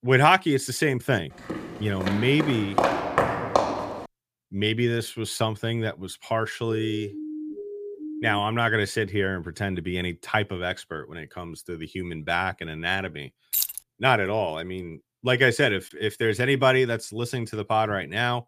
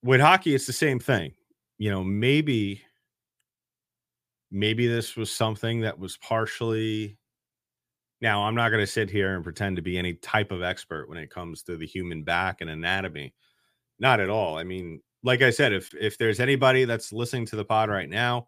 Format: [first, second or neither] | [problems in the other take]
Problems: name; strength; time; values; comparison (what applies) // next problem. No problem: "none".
second | footsteps; loud; from 1.5 to 4 s; peak 2 dB above the speech // siren; noticeable; from 6.5 to 8.5 s; peak 9 dB below the speech // jangling keys; loud; at 14 s; peak level with the speech